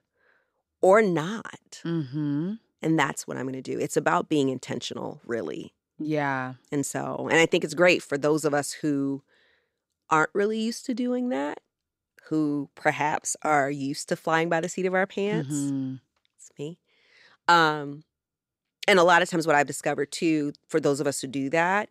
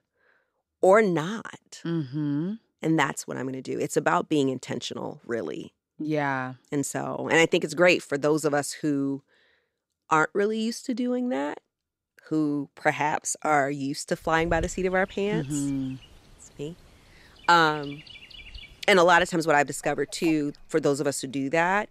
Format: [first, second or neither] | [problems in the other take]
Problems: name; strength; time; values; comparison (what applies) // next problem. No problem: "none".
first | animal sounds; faint; from 14 s on; 20 dB below the speech